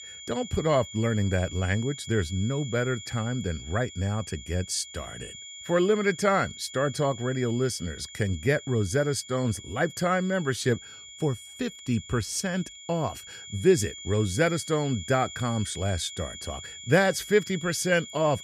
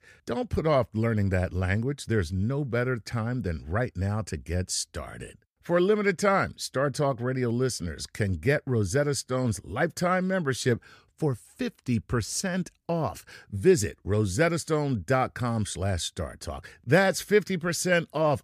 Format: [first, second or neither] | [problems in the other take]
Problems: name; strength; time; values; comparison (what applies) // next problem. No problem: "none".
second | high-pitched whine; noticeable; throughout; 3.5 kHz, 15 dB below the speech